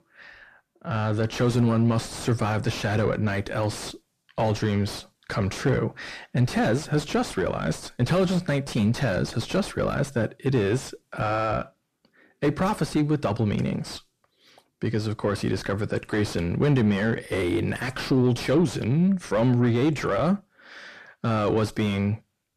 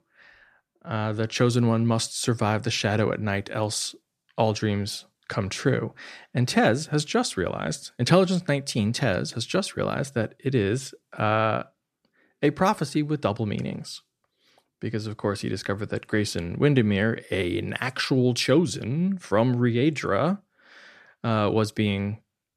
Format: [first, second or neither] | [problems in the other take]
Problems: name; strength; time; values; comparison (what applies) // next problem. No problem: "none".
second | distortion; heavy; 6 dB below the speech